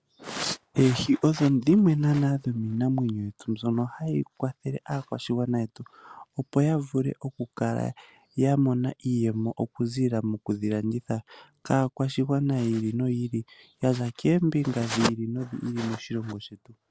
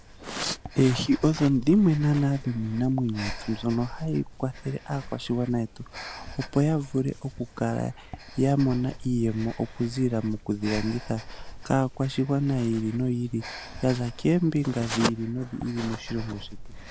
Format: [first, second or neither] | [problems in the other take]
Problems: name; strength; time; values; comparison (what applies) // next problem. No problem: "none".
first | background sound (Breathing); 14 dB below the speech